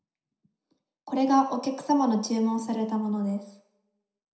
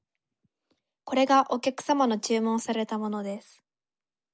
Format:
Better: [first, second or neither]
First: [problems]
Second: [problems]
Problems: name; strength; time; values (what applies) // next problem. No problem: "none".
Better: second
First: room echo; dies away in 0.6 s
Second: none